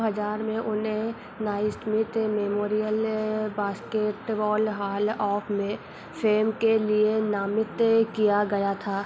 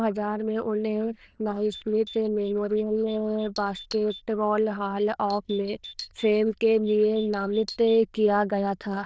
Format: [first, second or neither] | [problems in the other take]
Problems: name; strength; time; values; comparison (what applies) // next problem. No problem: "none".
first | noise reduction (neural diffusion model UNIVERSE++)